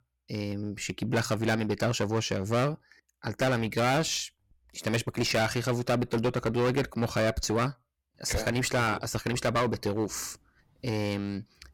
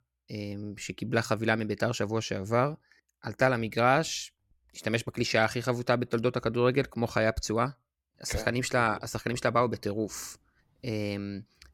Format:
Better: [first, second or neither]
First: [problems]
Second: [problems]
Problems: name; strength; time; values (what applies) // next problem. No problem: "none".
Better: second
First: distortion; heavy; 10% of the sound clipped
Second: none